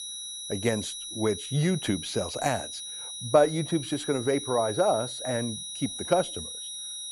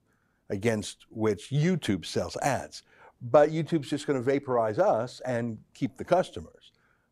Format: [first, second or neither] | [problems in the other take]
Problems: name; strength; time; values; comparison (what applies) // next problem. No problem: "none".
second | high-pitched whine; loud; throughout; 4 kHz, 7 dB below the speech